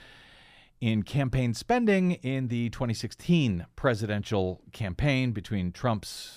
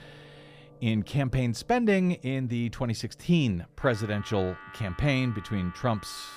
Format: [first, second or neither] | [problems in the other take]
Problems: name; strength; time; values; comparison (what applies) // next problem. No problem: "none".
first | background music; noticeable; throughout; 20 dB below the speech